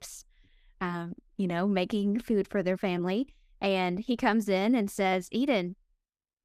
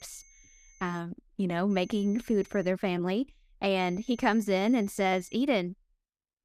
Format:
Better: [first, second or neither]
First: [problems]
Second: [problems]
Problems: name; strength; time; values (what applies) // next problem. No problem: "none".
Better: first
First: none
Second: high-pitched whine; faint; at the start, at 1.5 s and from 4 to 5.5 s; 6 kHz, 25 dB below the speech